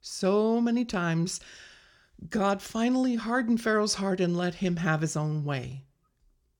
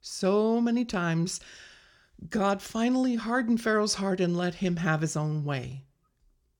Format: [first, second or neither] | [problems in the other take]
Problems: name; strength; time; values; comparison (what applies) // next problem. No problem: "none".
neither | none